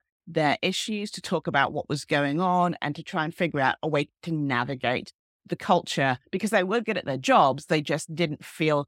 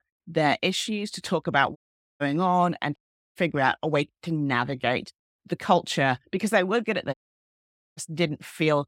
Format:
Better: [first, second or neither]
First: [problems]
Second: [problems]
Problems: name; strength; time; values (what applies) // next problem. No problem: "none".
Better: first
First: none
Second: audio cutting out; at 2 s, at 3 s and at 7 s for 1 s